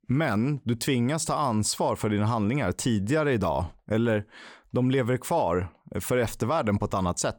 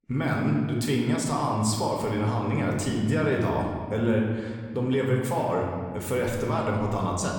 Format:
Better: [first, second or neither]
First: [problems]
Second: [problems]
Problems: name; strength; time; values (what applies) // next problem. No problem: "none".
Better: first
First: none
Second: room echo; noticeable; dies away in 1.6 s // off-mic speech; somewhat distant